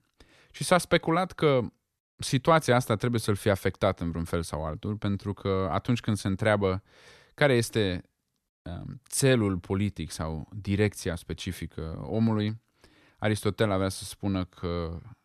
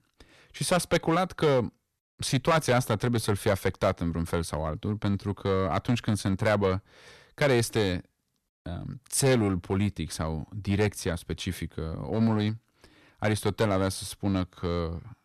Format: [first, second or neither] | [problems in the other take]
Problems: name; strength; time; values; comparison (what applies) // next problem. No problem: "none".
first | distortion; slight; 4% of the sound clipped